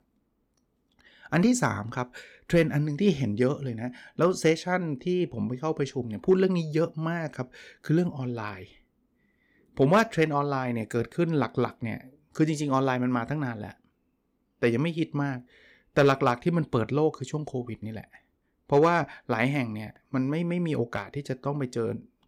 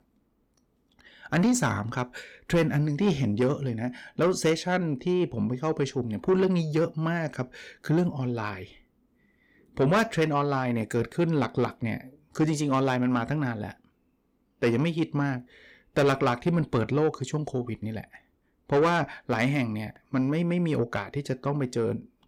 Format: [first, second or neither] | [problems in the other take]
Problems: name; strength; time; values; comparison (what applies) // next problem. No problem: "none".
first | distortion; slight; 10 dB below the speech